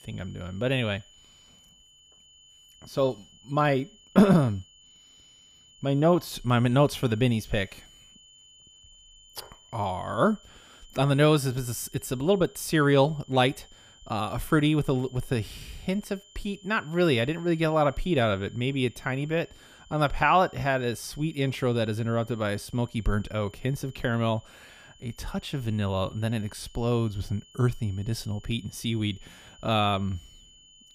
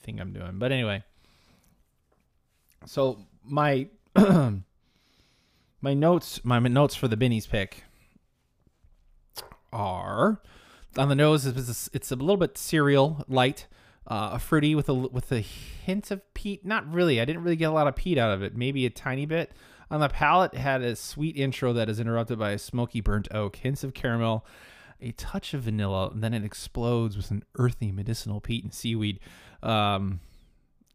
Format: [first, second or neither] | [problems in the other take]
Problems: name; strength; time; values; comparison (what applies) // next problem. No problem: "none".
second | high-pitched whine; faint; throughout; 3 kHz, 25 dB below the speech